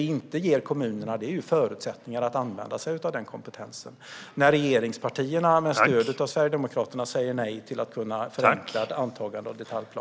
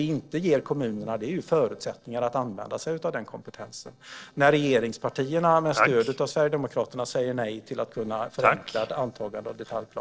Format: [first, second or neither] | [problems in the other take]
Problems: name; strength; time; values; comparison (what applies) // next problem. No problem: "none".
first | noise reduction (neural separator model SepFormer DNS4)